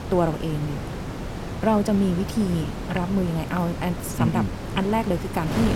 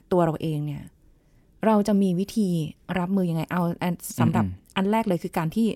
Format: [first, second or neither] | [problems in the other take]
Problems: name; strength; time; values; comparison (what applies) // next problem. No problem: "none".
second | wind noise on the microphone; heavy; 8 dB below the speech